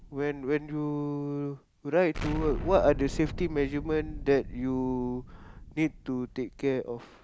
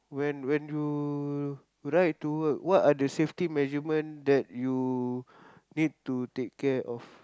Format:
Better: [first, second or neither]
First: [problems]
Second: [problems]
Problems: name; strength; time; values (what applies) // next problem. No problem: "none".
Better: second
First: background sound (Explosion); 10 dB below the speech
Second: none